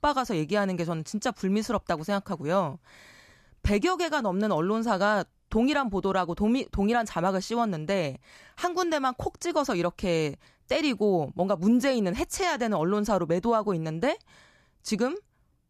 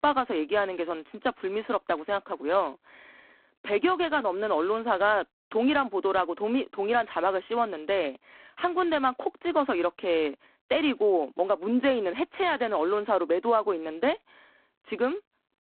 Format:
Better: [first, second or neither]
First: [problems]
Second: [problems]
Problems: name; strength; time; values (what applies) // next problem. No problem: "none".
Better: first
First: none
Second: phone-call audio; poor line